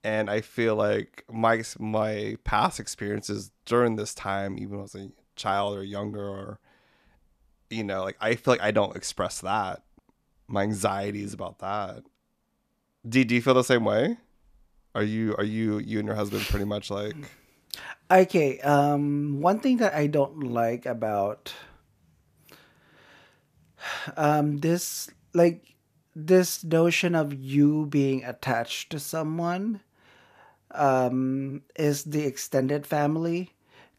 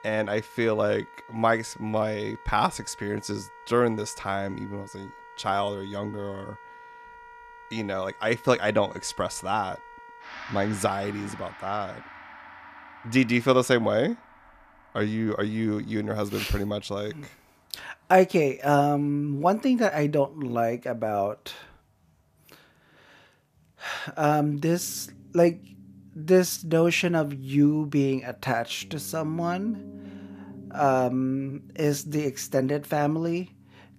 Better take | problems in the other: first | background music; faint; throughout; 20 dB below the speech

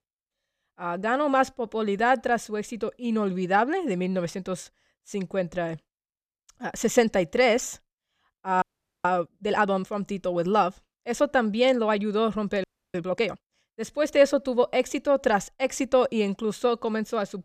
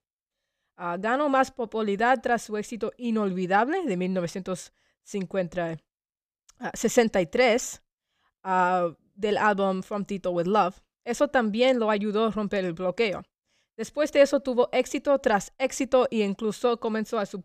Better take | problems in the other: second | audio freezing; at 8.5 s and at 13 s

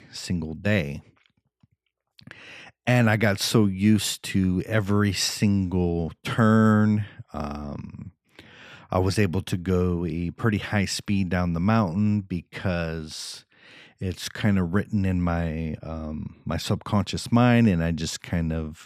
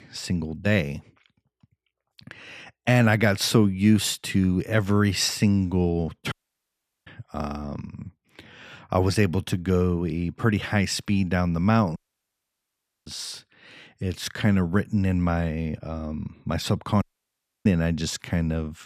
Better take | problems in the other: first | audio cutting out; at 6.5 s for 0.5 s, at 12 s for 1 s and at 17 s for 0.5 s

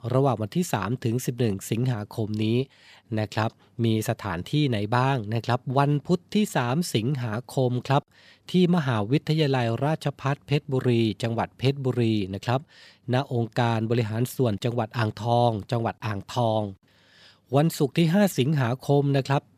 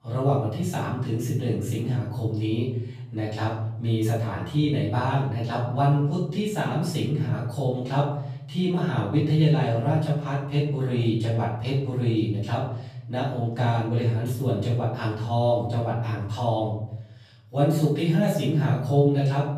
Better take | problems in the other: first | off-mic speech; far // room echo; noticeable; dies away in 0.9 s

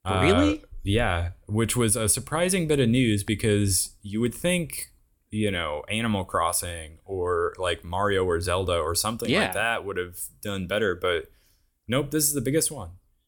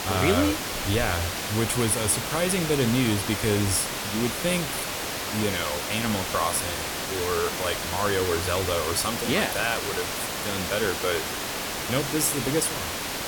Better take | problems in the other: first | hiss; loud; throughout; 2 dB below the speech

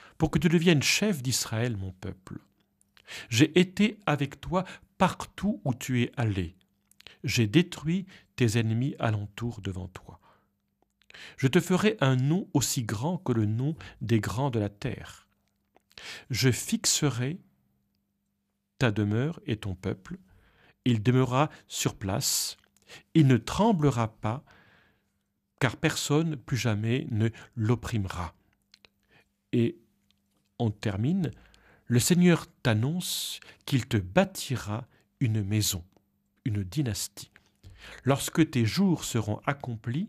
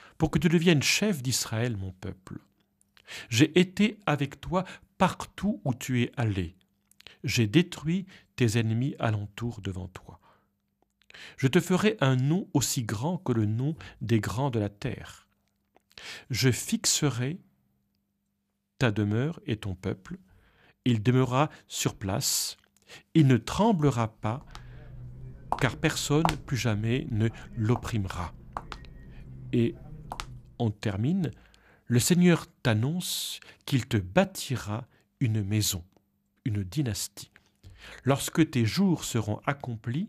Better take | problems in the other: first | footsteps; noticeable; from 25 to 30 s; peak 4 dB below the speech

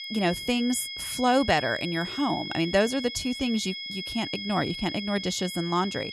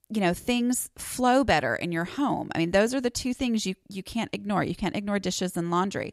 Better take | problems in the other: second | high-pitched whine; loud; throughout; 3.5 kHz, 7 dB below the speech

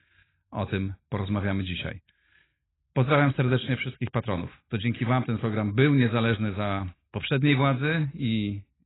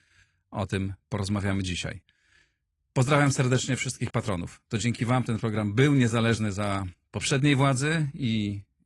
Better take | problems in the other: second | garbled, watery; badly; nothing above 4 kHz; slightly in the second

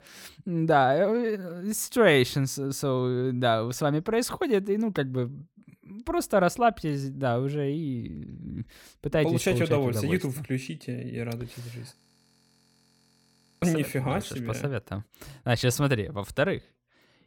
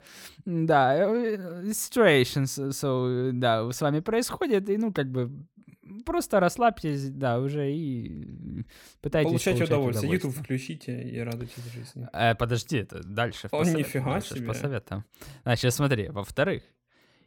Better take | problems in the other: second | audio freezing; at 12 s for 1.5 s

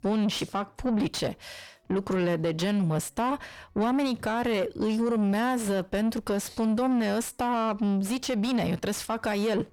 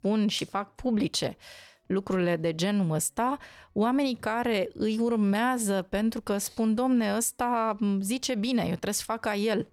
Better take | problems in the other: second | distortion; slight; 10 dB below the speech

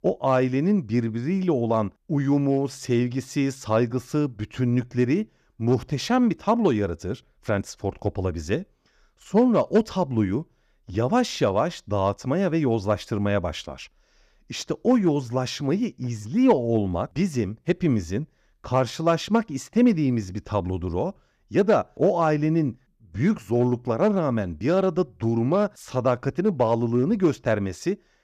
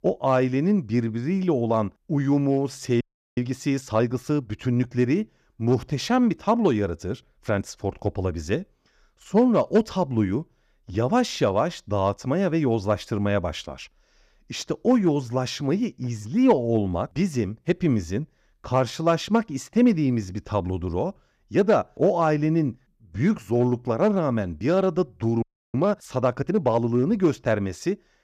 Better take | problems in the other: first | audio freezing; at 3 s and at 25 s

